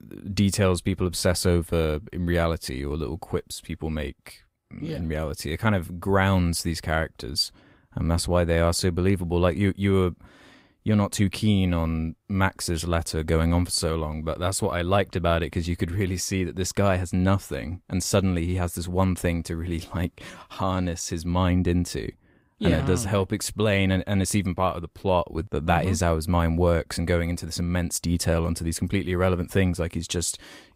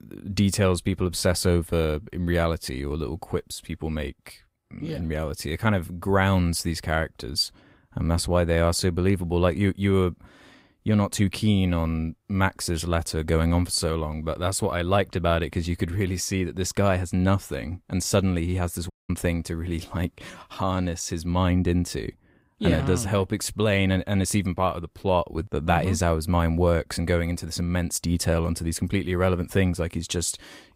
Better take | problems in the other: first | audio cutting out; at 19 s

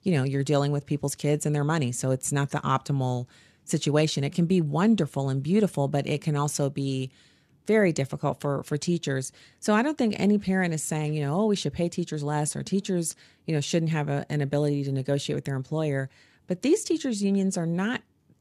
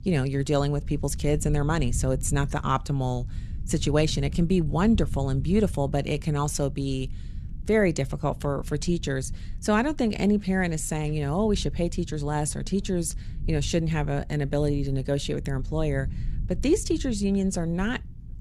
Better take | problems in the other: first | low rumble; faint; throughout; 20 dB below the speech

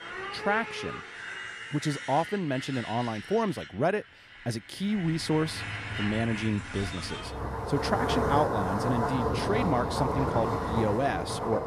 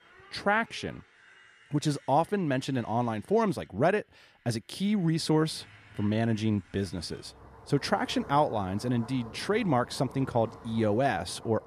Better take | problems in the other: second | traffic noise; loud; throughout; 2 dB below the speech; faint in the second

